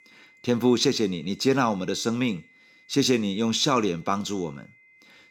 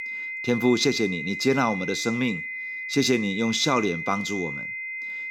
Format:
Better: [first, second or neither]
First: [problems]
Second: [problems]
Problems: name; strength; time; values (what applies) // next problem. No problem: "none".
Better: first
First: high-pitched whine; faint; throughout; 2 kHz, 30 dB below the speech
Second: high-pitched whine; loud; throughout; 2 kHz, 6 dB below the speech